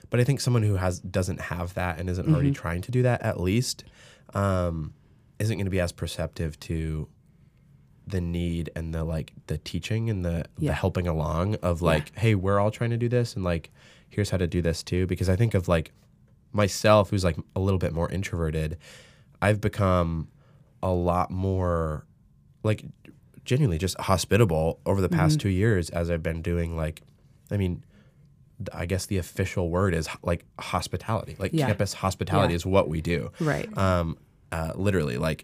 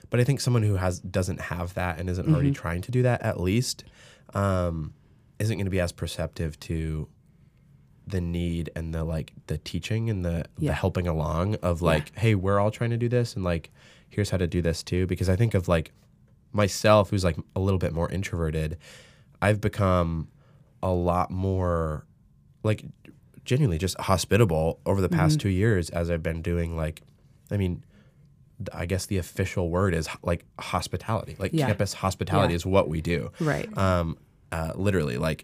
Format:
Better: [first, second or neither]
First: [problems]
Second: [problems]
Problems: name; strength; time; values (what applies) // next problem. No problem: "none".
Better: neither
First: none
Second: none